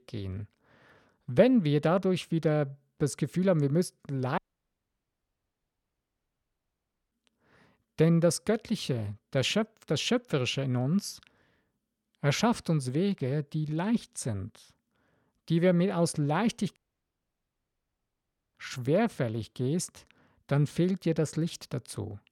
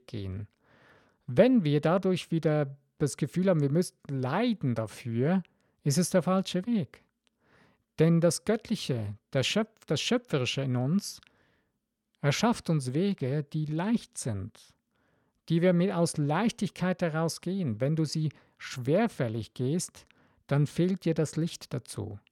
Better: second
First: audio cutting out; at 4.5 s for 2.5 s and at 17 s for 2 s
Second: none

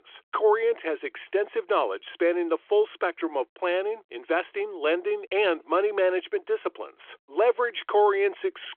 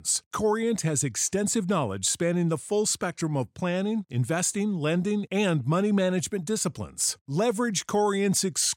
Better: second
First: phone-call audio; nothing above 3.5 kHz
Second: none

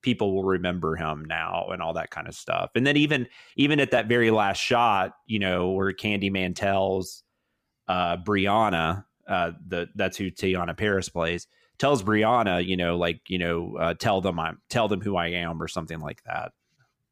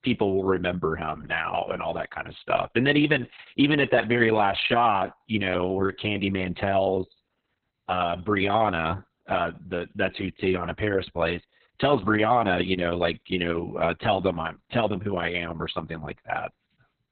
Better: first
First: none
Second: garbled, watery; badly; nothing above 3.5 kHz

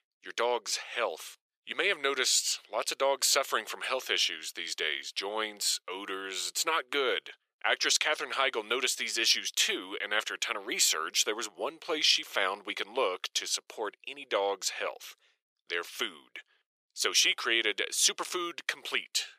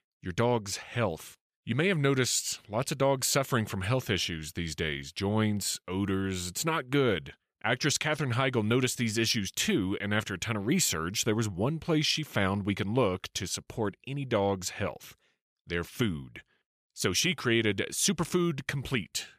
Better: second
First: thin; very; fading below 400 Hz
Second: none

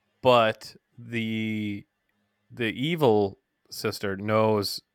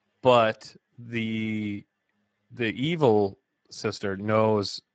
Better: first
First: none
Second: garbled, watery; badly; nothing above 7.5 kHz

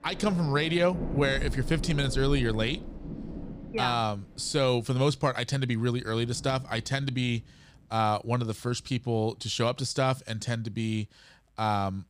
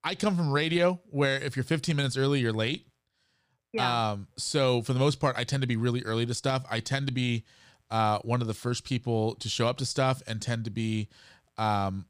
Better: second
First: rain or running water; noticeable; throughout; 10 dB below the speech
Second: none

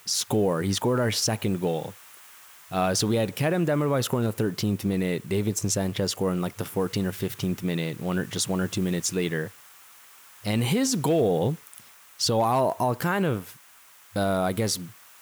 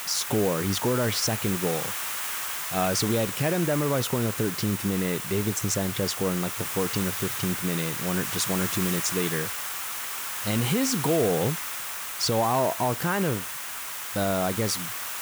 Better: first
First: hiss; faint; throughout; 20 dB below the speech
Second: hiss; loud; throughout; 3 dB below the speech

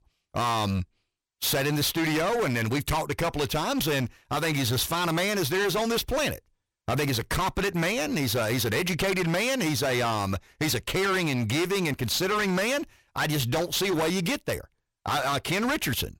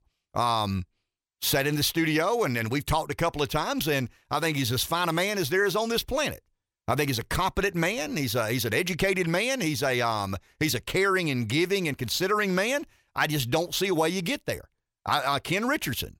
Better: second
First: distortion; heavy; 25% of the sound clipped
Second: none

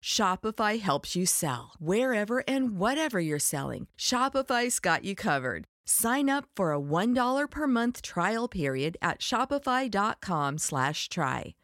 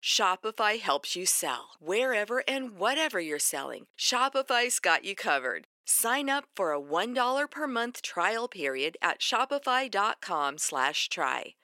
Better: first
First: none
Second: thin; somewhat; fading below 350 Hz

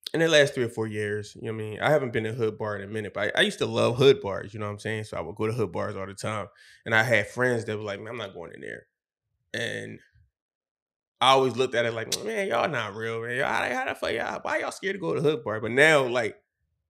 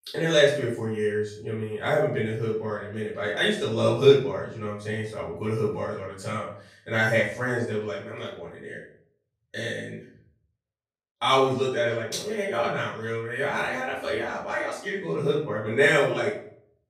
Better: first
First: none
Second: off-mic speech; far // room echo; noticeable; dies away in 0.5 s

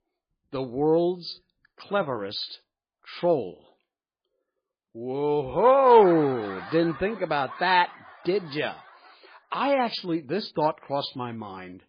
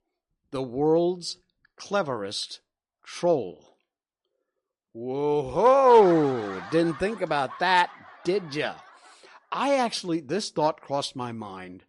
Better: second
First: garbled, watery; badly; nothing above 4 kHz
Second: garbled, watery; slightly; nothing above 11 kHz

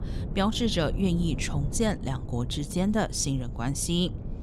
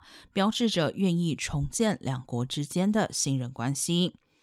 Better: second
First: wind noise on the microphone; occasional gusts; 15 dB below the speech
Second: none

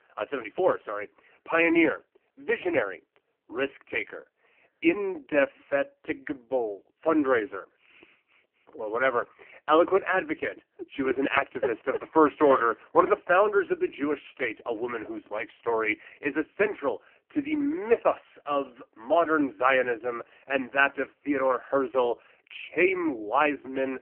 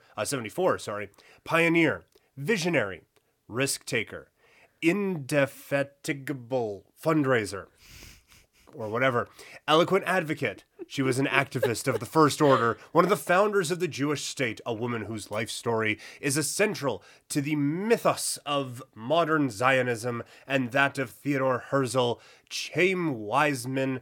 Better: second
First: phone-call audio; poor line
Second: none

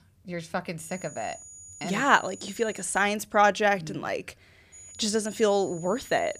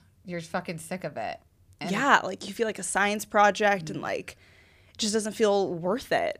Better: second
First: high-pitched whine; noticeable; from 1 to 3 s and from 4.5 s on; 7 kHz, 20 dB below the speech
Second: none

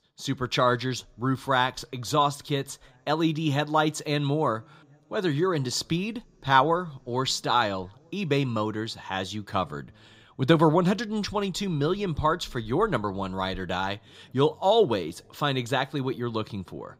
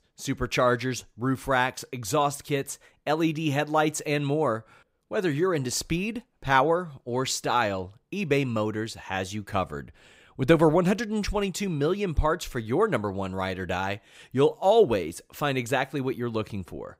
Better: second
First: room echo; slight; dies away in 3 s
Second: none

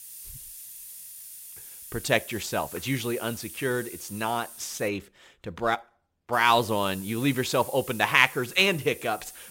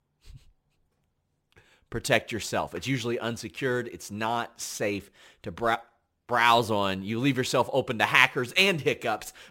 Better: second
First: hiss; noticeable; until 5 s and from 6.5 s on; 15 dB below the speech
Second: none

